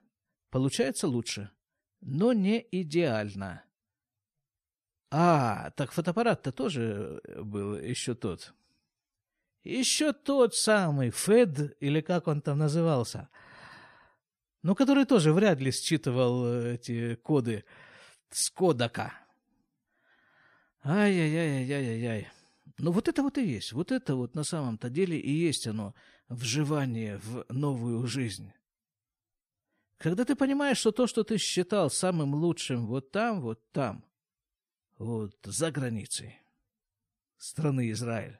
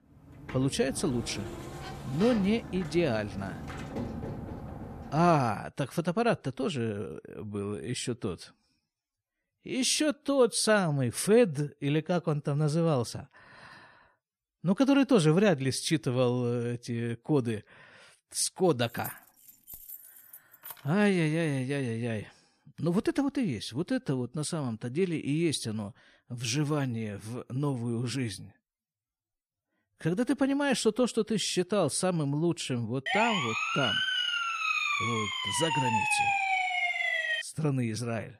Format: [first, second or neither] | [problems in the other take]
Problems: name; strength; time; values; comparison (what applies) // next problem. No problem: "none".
first | door banging; noticeable; until 5.5 s; peak 7 dB below the speech // jangling keys; faint; from 19 to 21 s; peak 15 dB below the speech // siren; loud; from 33 to 37 s; peak 3 dB above the speech